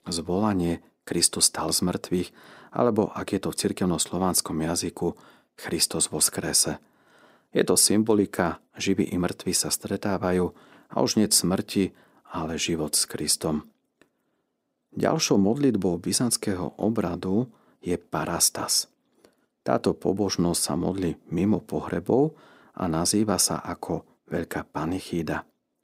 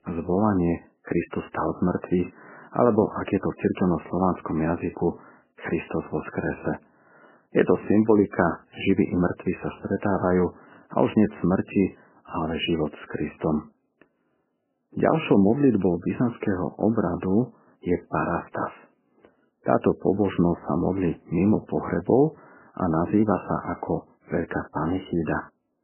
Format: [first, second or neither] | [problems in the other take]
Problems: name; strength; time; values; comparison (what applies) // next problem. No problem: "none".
first | garbled, watery; badly; nothing above 3 kHz